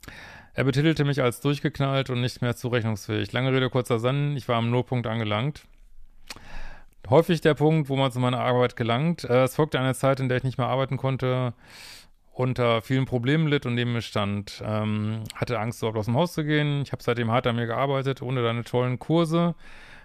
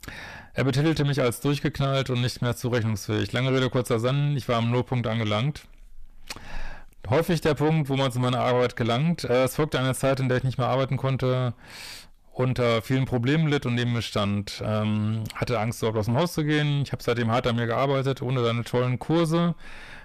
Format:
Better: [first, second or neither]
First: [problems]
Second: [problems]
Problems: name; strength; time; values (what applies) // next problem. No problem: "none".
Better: first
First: none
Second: distortion; heavy; 7 dB below the speech